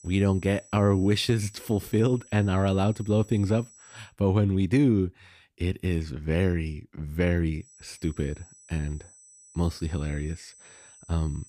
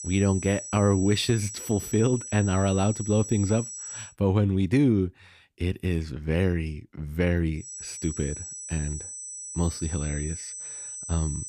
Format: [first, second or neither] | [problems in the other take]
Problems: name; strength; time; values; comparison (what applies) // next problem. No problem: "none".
first | high-pitched whine; loud; until 4 s and from 7.5 s on; 8 kHz, 9 dB below the speech; faint in the first